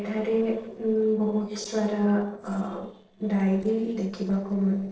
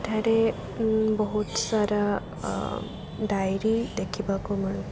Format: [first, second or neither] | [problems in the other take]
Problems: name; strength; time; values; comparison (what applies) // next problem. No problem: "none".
second | noise reduction (neural separator model SepFormer DNS4)